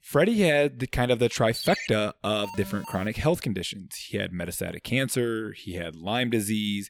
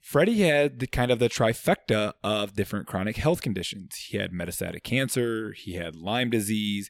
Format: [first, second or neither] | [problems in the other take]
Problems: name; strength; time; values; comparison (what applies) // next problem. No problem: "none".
second | phone ringing; noticeable; at 1.5 s; peak 6 dB below the speech // alarm; faint; at 2.5 s; peak 15 dB below the speech